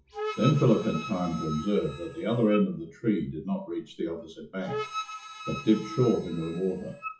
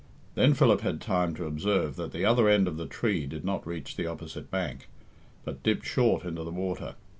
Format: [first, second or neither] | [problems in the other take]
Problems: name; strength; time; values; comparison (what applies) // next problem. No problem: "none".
second | noise reduction (classical method WPE with log-MMSE)